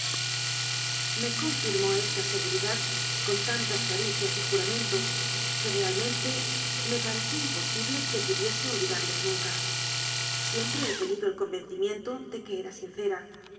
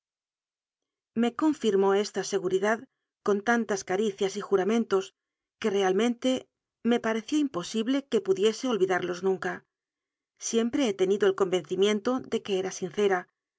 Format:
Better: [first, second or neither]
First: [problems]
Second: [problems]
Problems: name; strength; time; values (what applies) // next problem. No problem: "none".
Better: second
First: background sound (Domestic sounds, home sounds); 3 dB above the speech // room echo; dies away in 2.5 s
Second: none